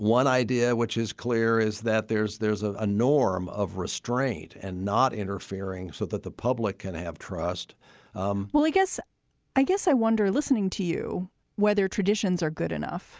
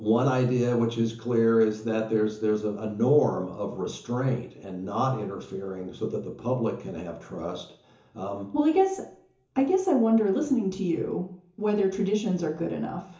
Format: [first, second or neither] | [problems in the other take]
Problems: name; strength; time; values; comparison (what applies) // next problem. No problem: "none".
first | room echo; dies away in 0.7 s